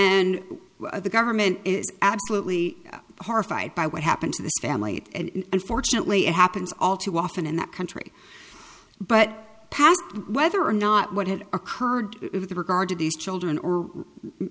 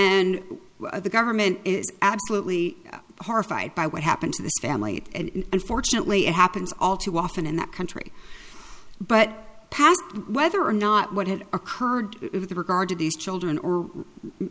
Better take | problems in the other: first | background sound (Rain); 18 dB below the speech

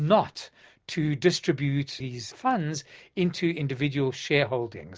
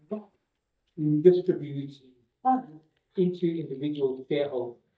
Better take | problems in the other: first | noise reduction (neural mask model DeepFilterNet 3)

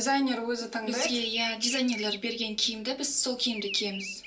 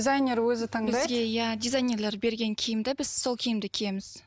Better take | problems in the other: second | background sound (Bird vocalization, bird call, bird song); 12 dB below the speech // room echo; dies away in 0.3 s

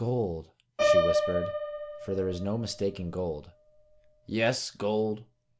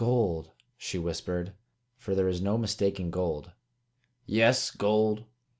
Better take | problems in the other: second | background sound (Piano); as loud as the speech

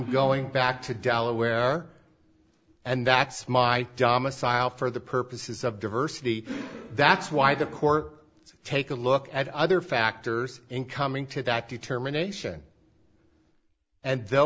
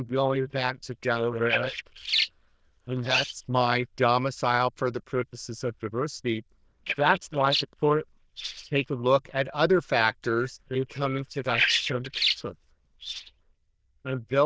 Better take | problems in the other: first | noise reduction (neural diffusion model UNIVERSE++)

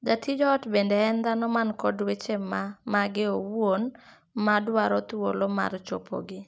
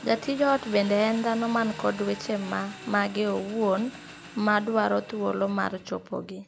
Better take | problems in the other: first | background sound (Engine); 16 dB below the speech

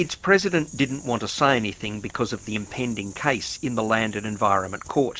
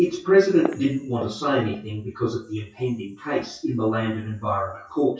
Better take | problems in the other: first | noise reduction (classical method WPE with log-MMSE)

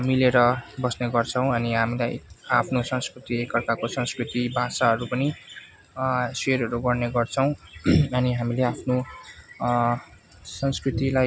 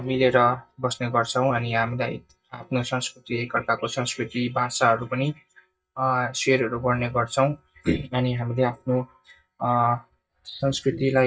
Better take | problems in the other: first | noise reduction (neural mask model DeepFilterNet 3)

